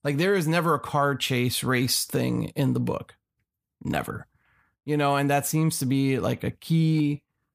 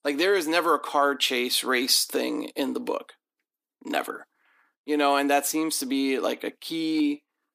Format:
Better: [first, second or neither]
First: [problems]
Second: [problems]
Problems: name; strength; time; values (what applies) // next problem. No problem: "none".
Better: first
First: none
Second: thin; very slightly; fading below 300 Hz